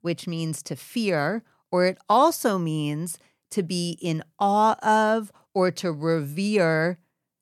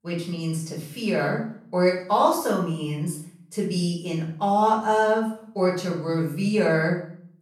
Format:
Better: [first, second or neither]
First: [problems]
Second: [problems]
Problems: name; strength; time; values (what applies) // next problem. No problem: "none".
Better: first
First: none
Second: room echo; noticeable; dies away in 0.5 s // off-mic speech; far